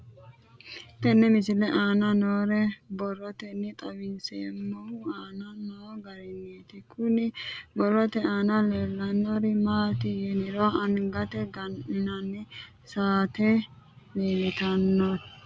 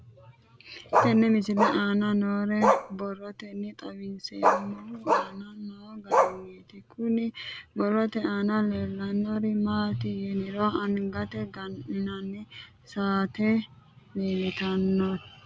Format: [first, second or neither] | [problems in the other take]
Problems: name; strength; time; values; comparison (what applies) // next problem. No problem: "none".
first | background sound (Bark); 1 dB above the speech